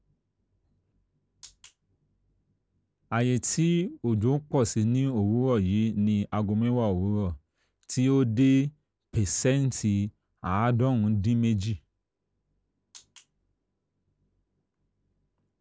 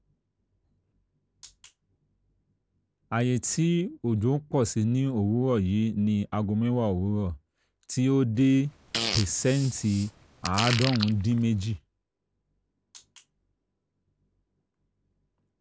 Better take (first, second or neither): first